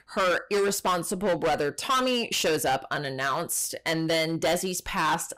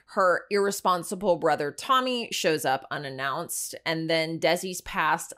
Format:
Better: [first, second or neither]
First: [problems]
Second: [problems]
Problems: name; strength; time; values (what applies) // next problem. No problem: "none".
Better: second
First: distortion; heavy; 16% of the sound clipped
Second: none